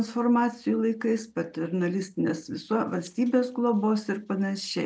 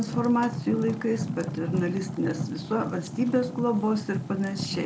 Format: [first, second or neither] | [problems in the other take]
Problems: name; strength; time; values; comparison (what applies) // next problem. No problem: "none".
first | background sound (Fire); 6 dB below the speech